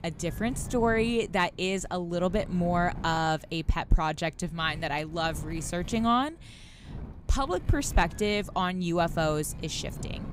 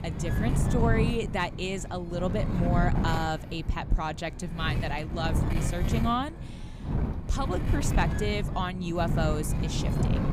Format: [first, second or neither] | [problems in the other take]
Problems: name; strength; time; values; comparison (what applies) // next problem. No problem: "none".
first | wind noise on the microphone; heavy; 6 dB below the speech; occasional gusts in the first